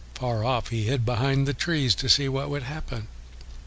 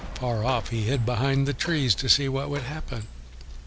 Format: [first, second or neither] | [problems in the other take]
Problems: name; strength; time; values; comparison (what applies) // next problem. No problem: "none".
first | background sound (Door + Thunder); 15 dB below the speech